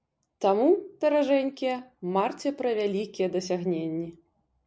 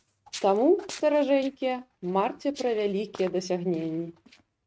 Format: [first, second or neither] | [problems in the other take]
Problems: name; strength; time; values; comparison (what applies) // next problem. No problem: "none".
first | noise reduction (neural mask model RNNoise)